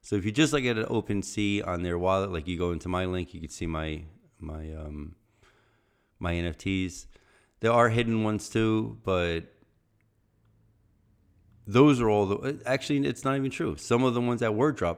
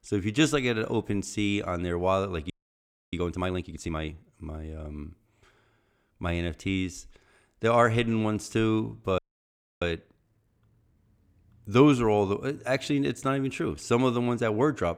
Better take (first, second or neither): first